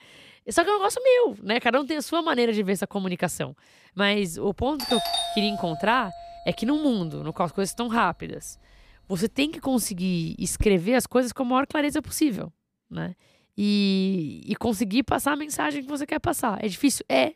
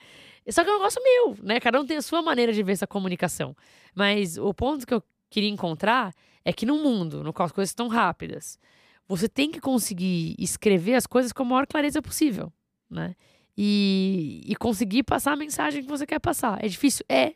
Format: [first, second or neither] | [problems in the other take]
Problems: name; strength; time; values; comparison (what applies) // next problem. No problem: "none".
second | doorbell; loud; from 5 to 11 s; peak level with the speech